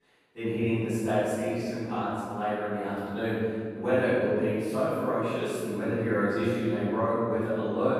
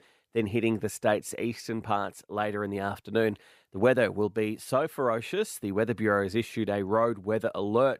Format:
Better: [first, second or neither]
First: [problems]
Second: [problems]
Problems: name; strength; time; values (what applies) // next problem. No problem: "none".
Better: second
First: room echo; strong; dies away in 2.2 s // off-mic speech; far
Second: none